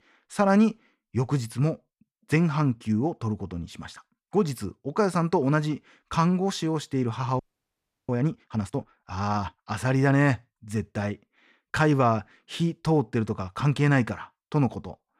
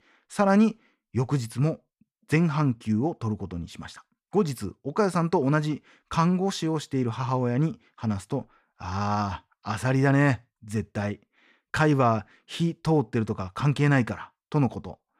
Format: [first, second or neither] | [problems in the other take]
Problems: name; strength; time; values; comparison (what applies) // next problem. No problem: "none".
second | audio freezing; at 7.5 s for 0.5 s